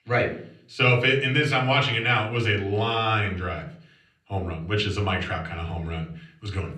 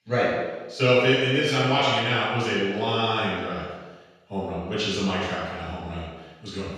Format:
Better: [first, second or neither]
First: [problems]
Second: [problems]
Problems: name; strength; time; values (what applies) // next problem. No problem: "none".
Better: first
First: room echo; slight; dies away in 0.6 s // off-mic speech; far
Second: room echo; strong; dies away in 1.2 s // off-mic speech; far